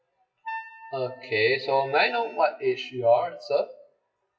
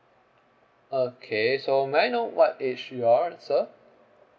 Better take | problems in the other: second | noise reduction (classical method WPE with log-MMSE)

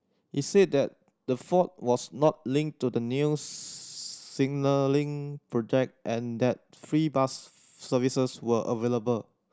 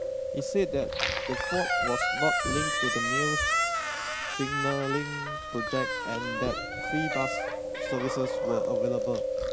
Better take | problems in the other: first | background sound (Chewing, mastication + Squeak); 3 dB above the speech

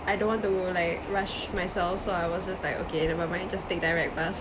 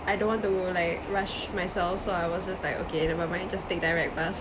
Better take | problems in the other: second | background sound (Writing + Hammer); 18 dB below the speech

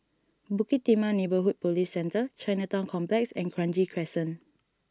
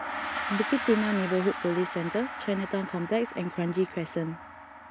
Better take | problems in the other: first | background sound (Gong); 7 dB below the speech

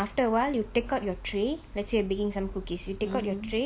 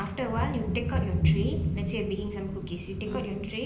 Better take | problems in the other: first | background sound (Thunder); 3 dB above the speech // room echo; dies away in 0.8 s

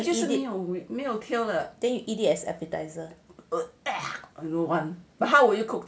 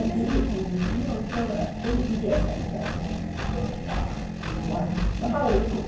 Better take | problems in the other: first | background sound (Engine); as loud as the speech // room echo; dies away in 0.9 s

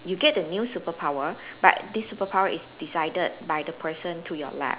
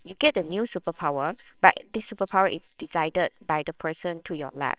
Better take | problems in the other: first | noise reduction (neural separator model SepFormer WHAMR!)

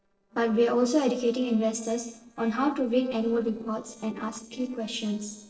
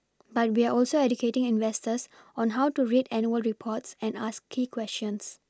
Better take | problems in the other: second | noise reduction (neural separator model SepFormer DNS4)

